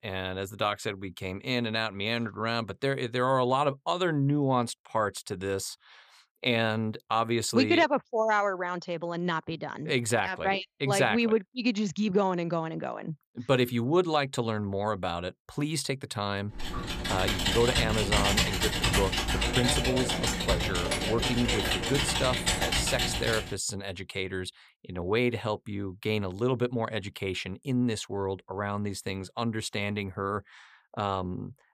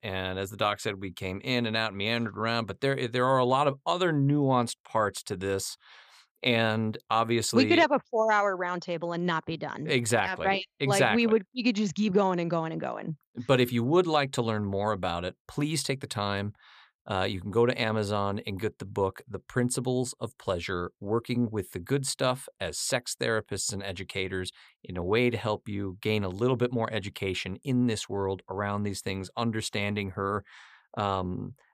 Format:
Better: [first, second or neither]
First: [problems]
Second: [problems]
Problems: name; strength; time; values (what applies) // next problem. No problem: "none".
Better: second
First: keyboard typing; loud; from 17 to 24 s; peak 5 dB above the speech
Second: none